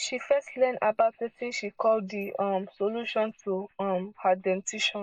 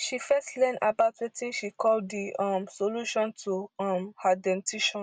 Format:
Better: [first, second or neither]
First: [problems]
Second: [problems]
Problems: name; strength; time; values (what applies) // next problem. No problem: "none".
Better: second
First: noise reduction (neural mask model Resemble Enhance denoiser)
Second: none